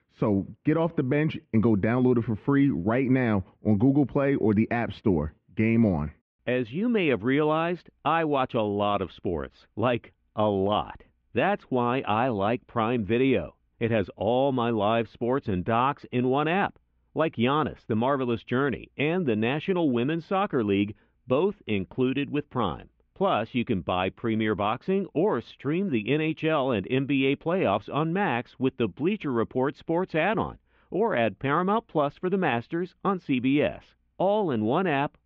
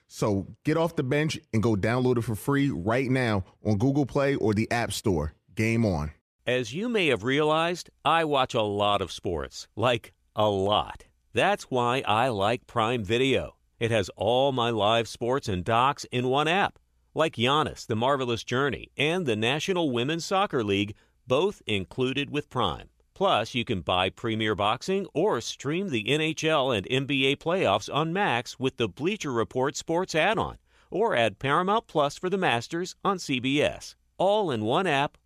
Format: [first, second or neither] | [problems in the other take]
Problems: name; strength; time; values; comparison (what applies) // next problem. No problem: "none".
second | muffled; very; fading above 3 kHz